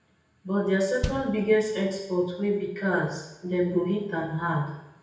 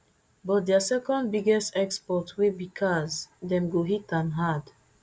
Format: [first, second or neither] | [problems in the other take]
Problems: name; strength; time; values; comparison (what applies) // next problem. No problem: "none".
second | background sound (Bass drum); 12 dB below the speech // room echo; dies away in 0.9 s